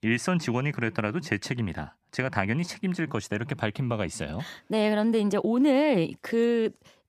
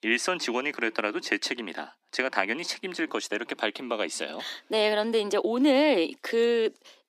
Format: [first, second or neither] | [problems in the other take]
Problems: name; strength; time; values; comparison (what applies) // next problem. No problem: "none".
first | thin; somewhat; fading below 250 Hz